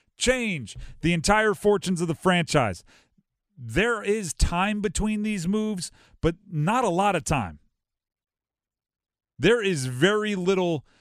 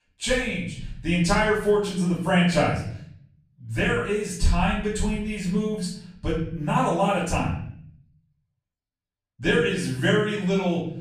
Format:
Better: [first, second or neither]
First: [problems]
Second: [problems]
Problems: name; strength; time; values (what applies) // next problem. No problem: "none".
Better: first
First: none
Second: off-mic speech; far // room echo; noticeable; dies away in 0.7 s